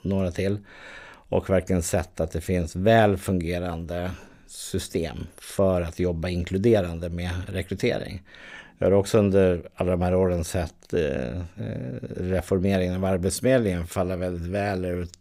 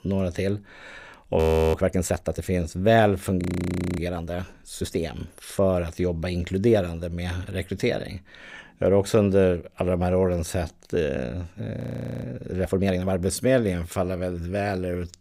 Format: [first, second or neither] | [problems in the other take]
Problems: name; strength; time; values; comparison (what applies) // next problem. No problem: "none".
first | audio freezing; at 1.5 s, at 3.5 s for 0.5 s and at 12 s